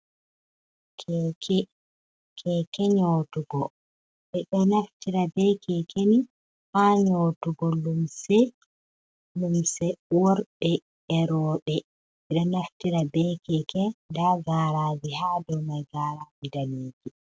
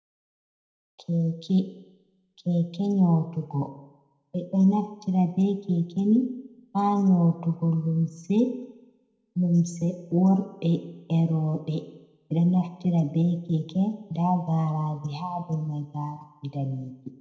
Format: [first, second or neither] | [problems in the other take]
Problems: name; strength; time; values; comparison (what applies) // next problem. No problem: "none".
first | room echo; dies away in 0.7 s